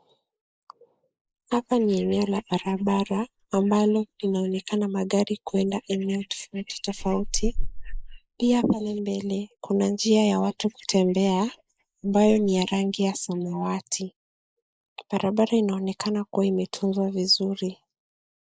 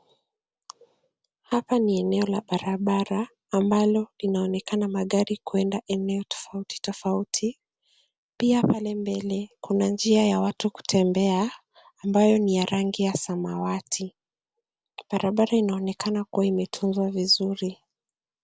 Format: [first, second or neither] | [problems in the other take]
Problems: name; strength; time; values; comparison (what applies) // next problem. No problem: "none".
second | noise reduction (neural mask model Resemble Enhance denoiser)